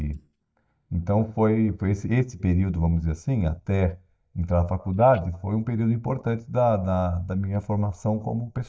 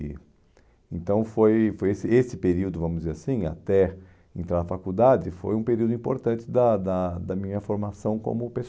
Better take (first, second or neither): second